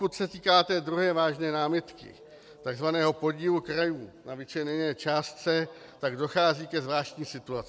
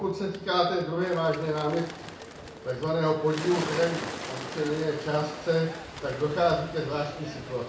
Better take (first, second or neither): first